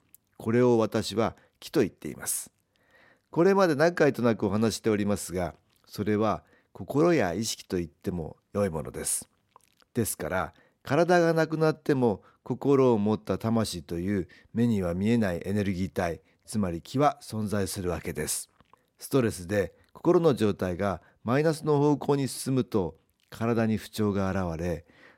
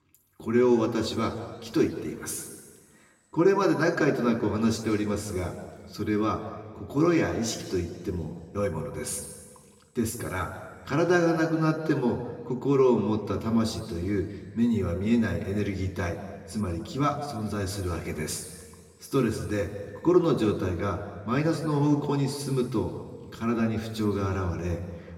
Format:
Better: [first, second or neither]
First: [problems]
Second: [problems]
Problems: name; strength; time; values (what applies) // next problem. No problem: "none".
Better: first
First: none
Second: room echo; noticeable; dies away in 1.6 s // off-mic speech; far